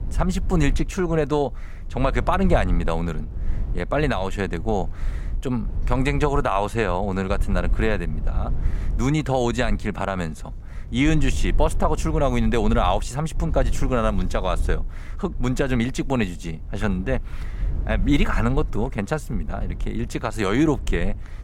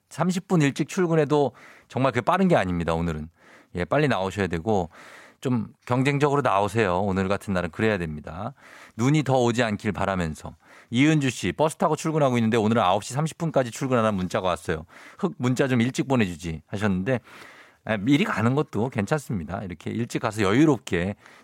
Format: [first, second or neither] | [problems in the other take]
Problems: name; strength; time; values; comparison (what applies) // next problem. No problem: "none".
second | low rumble; faint; throughout; 20 dB below the speech